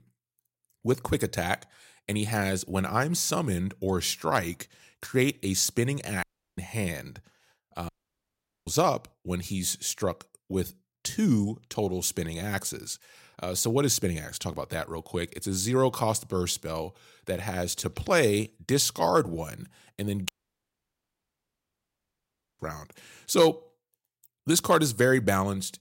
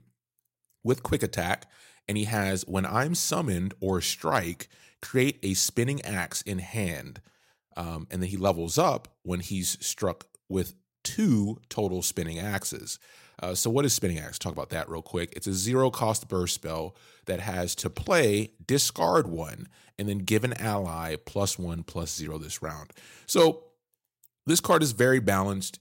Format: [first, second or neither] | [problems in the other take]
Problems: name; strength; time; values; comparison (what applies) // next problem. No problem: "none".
second | audio cutting out; at 6 s, at 8 s for 1 s and at 20 s for 2.5 s